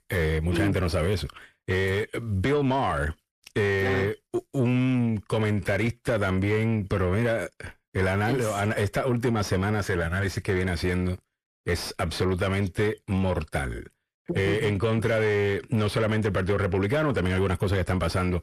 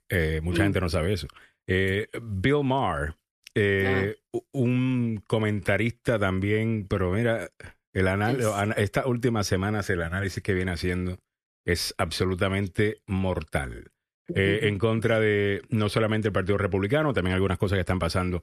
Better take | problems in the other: second | distortion; slight; 10 dB below the speech

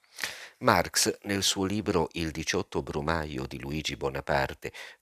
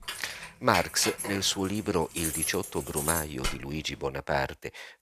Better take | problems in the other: first | jangling keys; loud; until 3.5 s; peak level with the speech

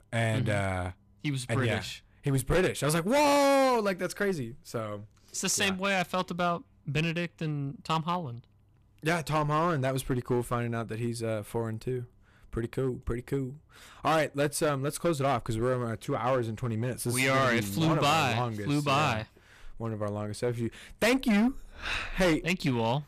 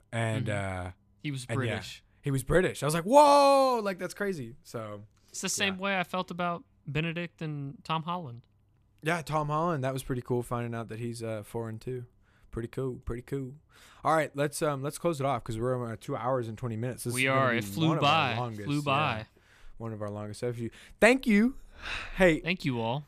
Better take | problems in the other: second | distortion; heavy; 9% of the sound clipped

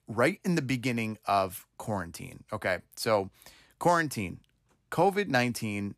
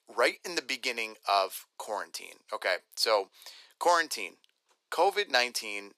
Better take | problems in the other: first | thin; very; fading below 400 Hz

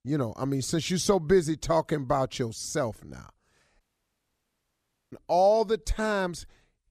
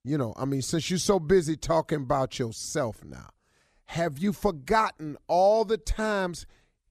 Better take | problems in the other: second | audio cutting out; at 4 s for 1.5 s

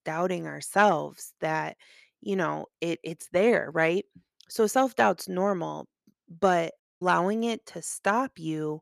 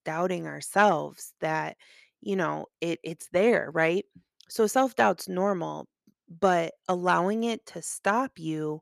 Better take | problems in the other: second | audio cutting out; at 7 s

